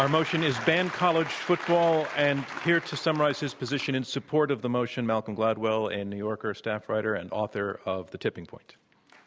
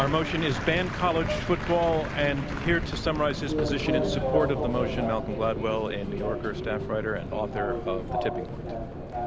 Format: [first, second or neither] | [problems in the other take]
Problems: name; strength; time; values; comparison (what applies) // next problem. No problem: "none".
first | background sound (Subway, metro, underground); 2 dB below the speech